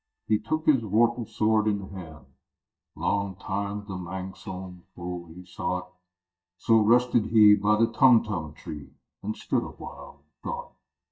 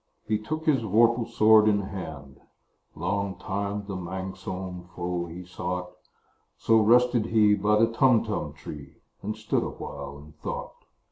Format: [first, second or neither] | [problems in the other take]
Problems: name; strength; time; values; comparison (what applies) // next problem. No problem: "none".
second | noise reduction (neural mask model DeepFilterNet 3)